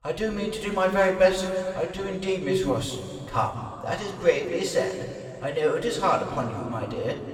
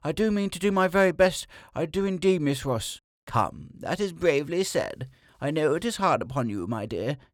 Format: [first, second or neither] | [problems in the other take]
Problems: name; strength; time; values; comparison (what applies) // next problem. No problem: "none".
second | room echo; noticeable; dies away in 2.4 s // off-mic speech; somewhat distant